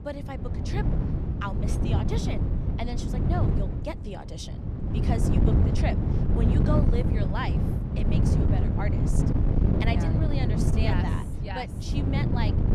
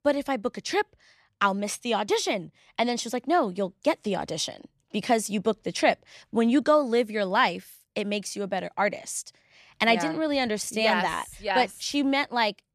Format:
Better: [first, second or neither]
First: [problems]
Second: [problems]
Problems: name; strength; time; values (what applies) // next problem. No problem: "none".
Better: second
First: wind noise on the microphone; heavy; 1 dB above the speech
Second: none